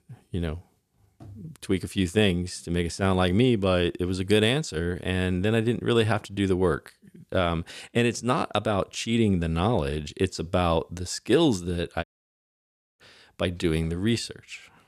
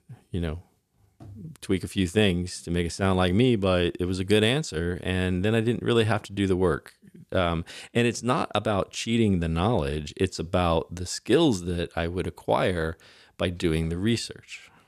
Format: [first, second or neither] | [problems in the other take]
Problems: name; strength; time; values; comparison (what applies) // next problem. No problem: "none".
second | audio cutting out; at 12 s for 1 s